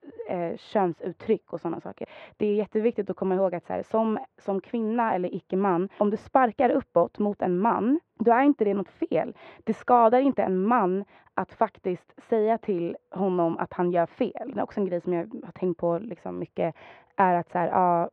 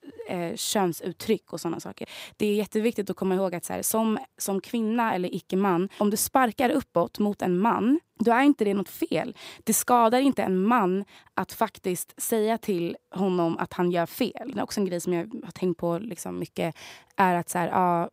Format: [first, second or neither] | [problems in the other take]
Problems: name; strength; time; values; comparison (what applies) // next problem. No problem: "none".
second | muffled; very; fading above 2.5 kHz